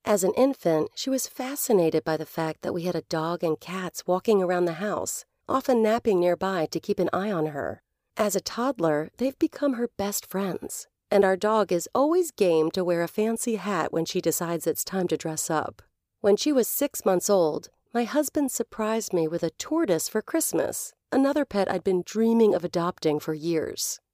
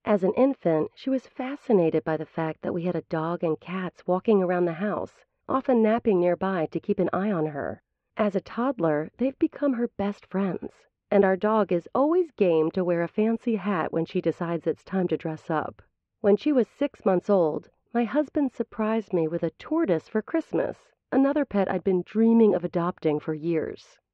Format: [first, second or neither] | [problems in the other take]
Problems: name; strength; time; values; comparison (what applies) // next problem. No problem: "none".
first | muffled; very; fading above 2.5 kHz